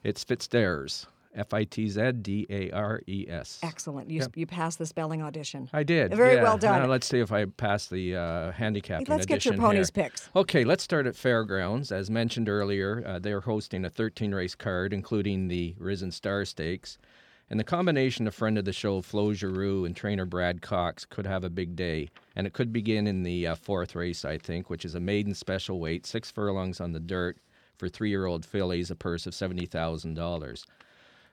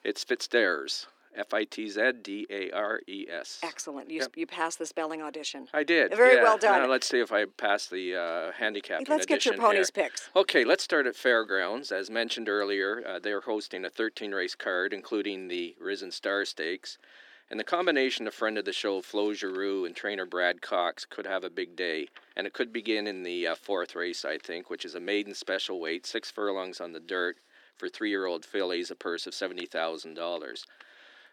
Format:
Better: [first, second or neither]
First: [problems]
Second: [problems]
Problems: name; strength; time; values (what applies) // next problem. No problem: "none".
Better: first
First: none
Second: thin; somewhat; fading below 300 Hz